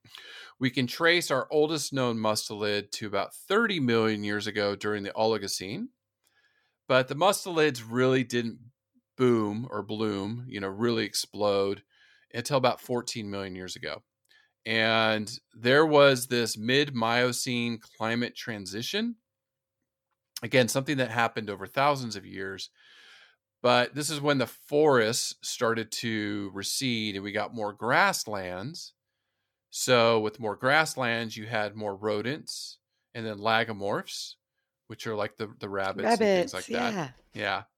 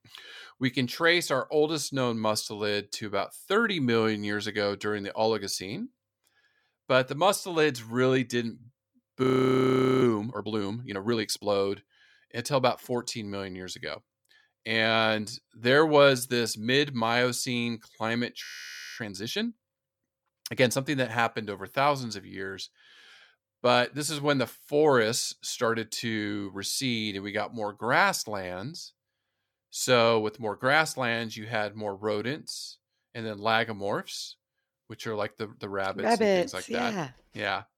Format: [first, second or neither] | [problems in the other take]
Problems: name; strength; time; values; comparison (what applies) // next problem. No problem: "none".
first | audio freezing; at 9 s for 1 s and at 18 s for 0.5 s